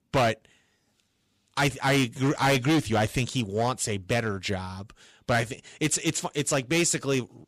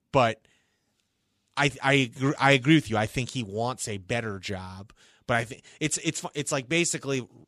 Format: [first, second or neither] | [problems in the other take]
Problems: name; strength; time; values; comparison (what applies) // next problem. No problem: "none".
second | distortion; heavy; 8% of the sound clipped